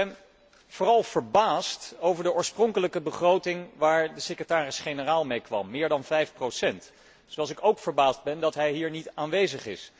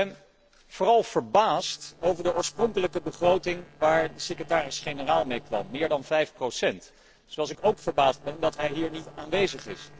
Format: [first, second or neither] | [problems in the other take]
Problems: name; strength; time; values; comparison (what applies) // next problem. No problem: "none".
first | noise reduction (neural separator model SepFormer DNS4)